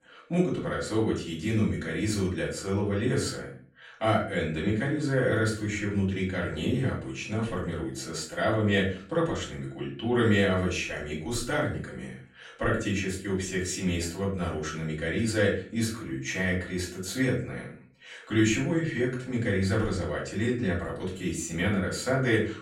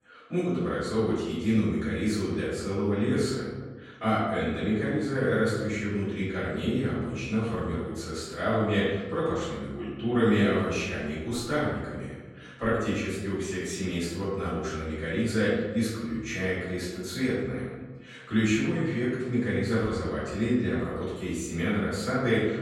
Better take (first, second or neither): first